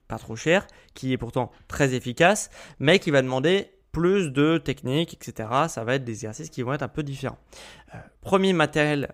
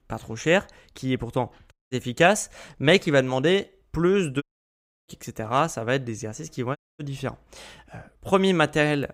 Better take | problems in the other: first | audio cutting out; at 1.5 s, at 4.5 s for 0.5 s and at 7 s

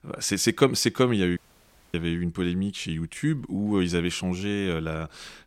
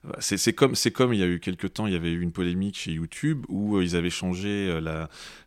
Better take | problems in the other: second | audio cutting out; at 1.5 s for 0.5 s

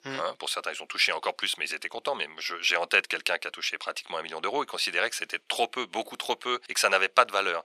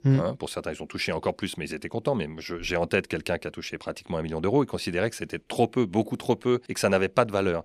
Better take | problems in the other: second | thin; very; fading below 850 Hz

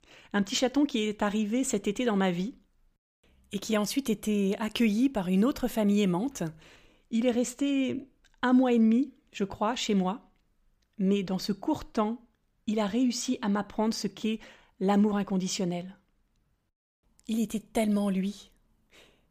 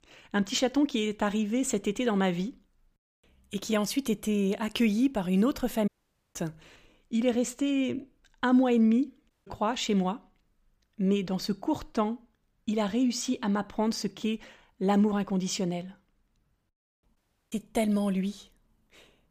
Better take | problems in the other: first | audio cutting out; at 6 s, at 9.5 s and at 17 s

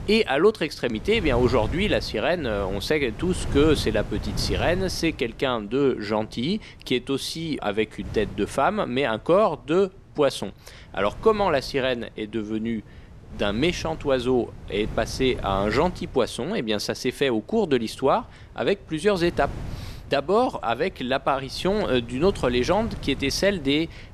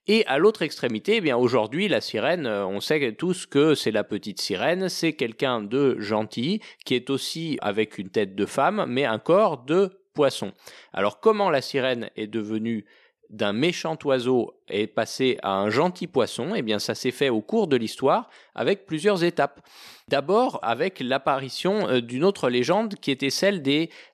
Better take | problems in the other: second | wind noise on the microphone; occasional gusts; 20 dB below the speech

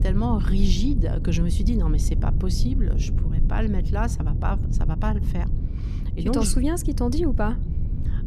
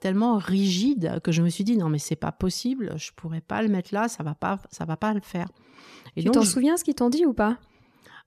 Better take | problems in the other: second | low rumble; loud; throughout; 9 dB below the speech

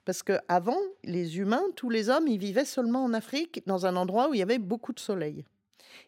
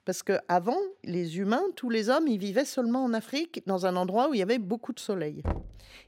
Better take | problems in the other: first | door banging; noticeable; at 5.5 s; peak 7 dB below the speech

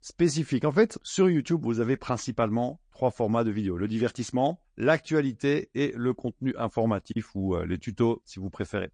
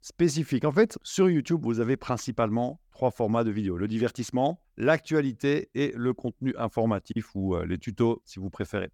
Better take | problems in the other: second | garbled, watery; slightly; nothing above 8.5 kHz

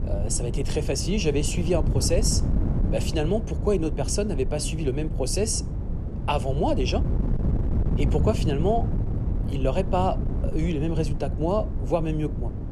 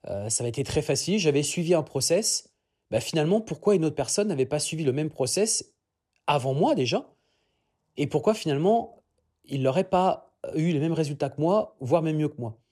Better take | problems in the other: second | wind noise on the microphone; occasional gusts; 10 dB below the speech

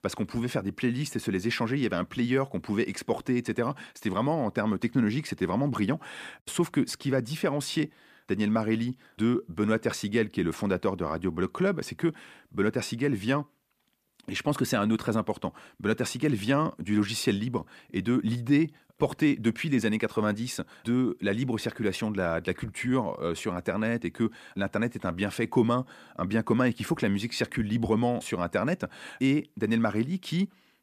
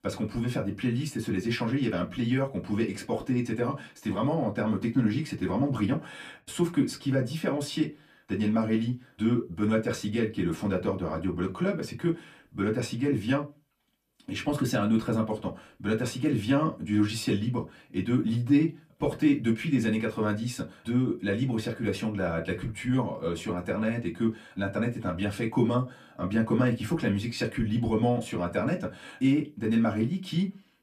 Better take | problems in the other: first | off-mic speech; far // room echo; very slight; dies away in 0.2 s

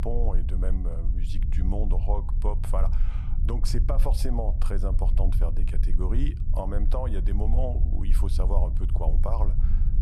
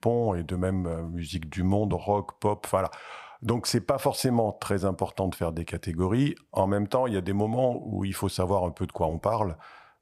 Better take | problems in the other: second | low rumble; loud; throughout; 10 dB below the speech

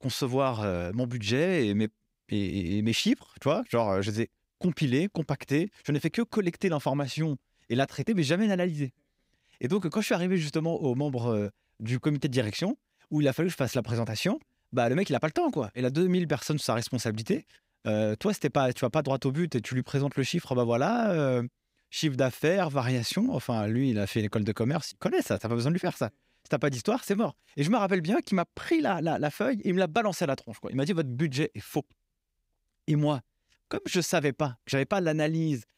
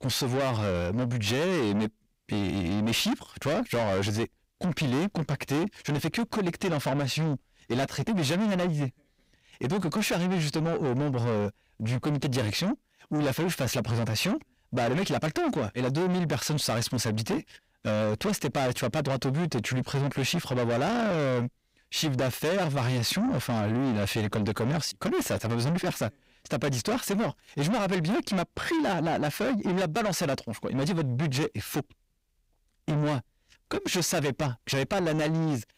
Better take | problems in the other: first | distortion; heavy; 6 dB below the speech

